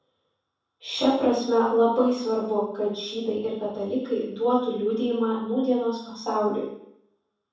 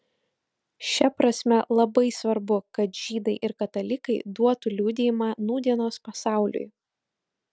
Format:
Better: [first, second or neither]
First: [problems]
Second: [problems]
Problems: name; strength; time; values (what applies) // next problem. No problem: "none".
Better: second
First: room echo; dies away in 0.7 s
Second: none